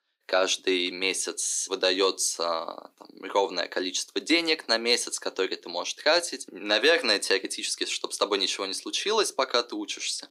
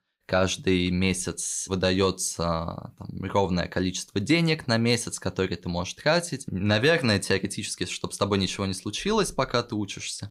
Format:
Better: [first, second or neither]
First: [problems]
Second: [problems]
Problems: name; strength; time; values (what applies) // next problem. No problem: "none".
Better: second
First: thin; somewhat; fading below 300 Hz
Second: none